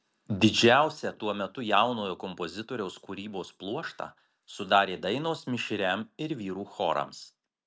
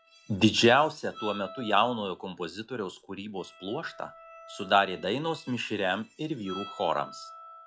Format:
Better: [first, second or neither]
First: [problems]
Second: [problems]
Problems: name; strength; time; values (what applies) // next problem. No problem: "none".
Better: first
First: none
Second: noise reduction (classical method log-MMSE)